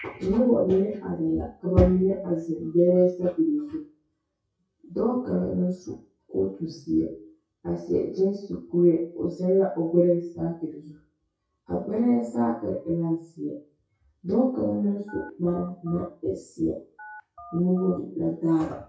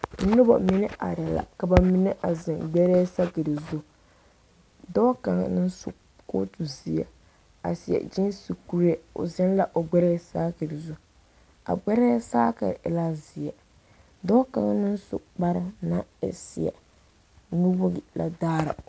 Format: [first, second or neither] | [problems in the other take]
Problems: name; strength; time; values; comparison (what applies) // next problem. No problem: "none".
second | noise reduction (classical method WPE with log-MMSE)